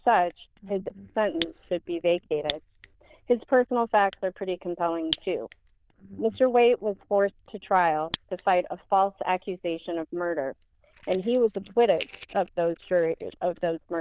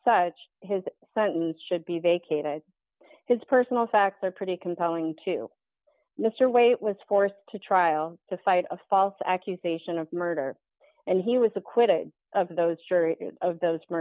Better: second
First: noise reduction (neural diffusion model UNIVERSE++)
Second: none

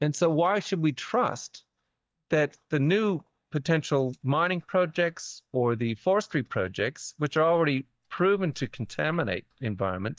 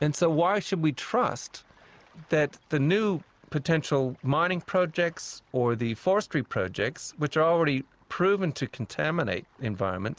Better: second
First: noise reduction (neural mask model DeepFilterNet 3)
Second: none

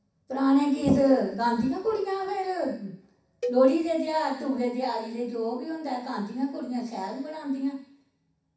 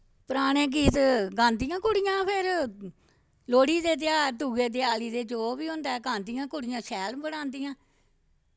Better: second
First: background sound (Cowbell); 12 dB below the speech // room echo; dies away in 0.7 s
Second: none

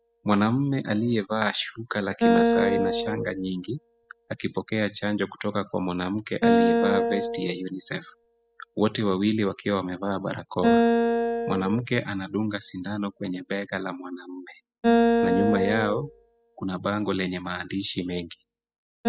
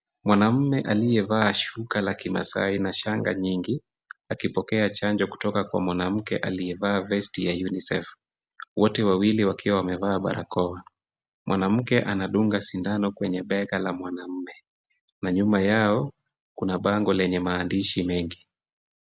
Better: second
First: noise reduction (classical method spectral subtraction)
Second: none

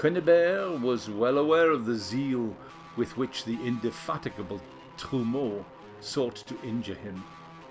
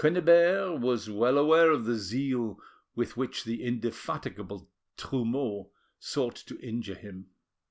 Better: second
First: background sound (Guitar); 18 dB below the speech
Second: none

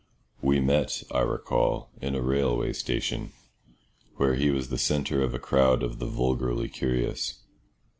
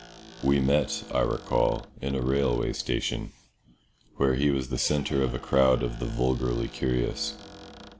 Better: first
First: none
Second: background sound (Squeak); 19 dB below the speech

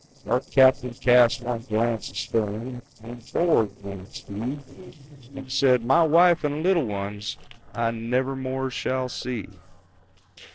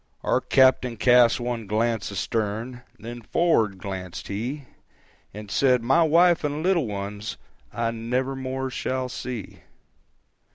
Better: second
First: noise reduction (neural separator model SepFormer DNS4)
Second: none

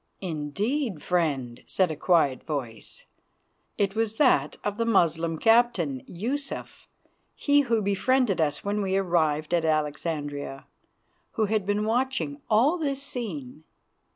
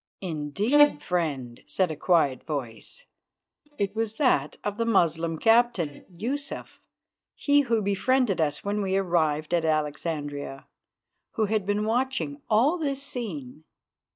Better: first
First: none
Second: noise reduction (neural mask model DeepFilterNet 3)

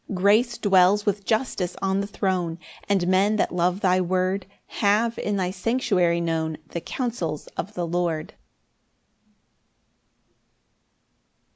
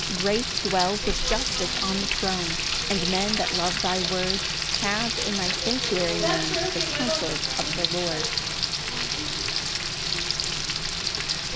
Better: first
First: none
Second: background sound (Frying (food)); 4 dB above the speech

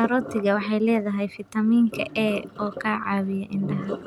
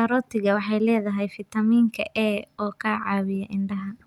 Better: second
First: background sound (Sink (filling or washing)); 12 dB below the speech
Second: none

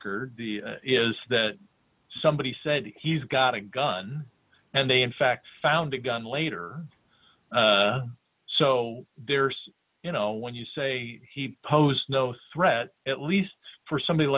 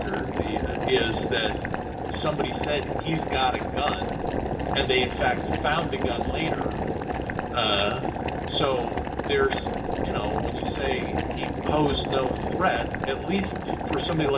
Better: first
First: none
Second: background sound (Boiling); as loud as the speech // room echo; dies away in 0.8 s

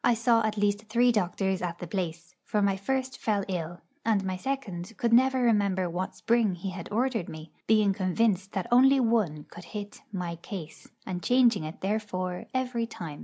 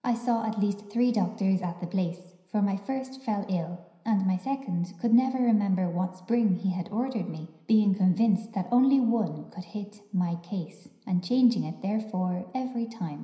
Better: first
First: none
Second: room echo; dies away in 0.9 s

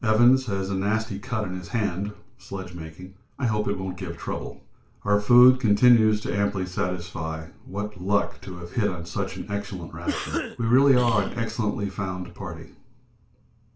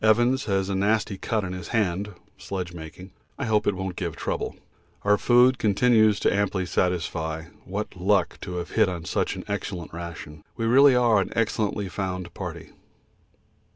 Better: second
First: background sound (Cough); 9 dB below the speech // room echo; dies away in 0.3 s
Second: none

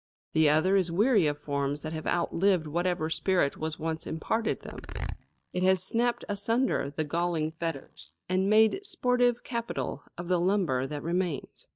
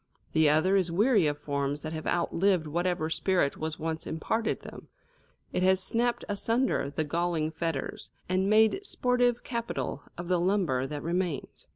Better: second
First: noise reduction (neural mask model DeepFilterNet 3)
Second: none

